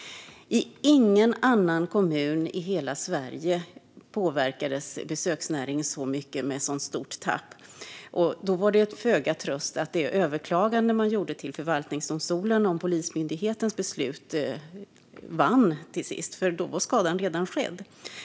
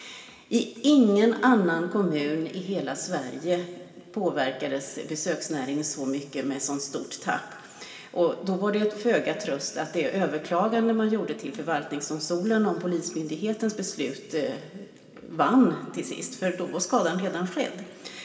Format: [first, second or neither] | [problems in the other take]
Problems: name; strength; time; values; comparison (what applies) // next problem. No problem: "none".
first | room echo; dies away in 2.1 s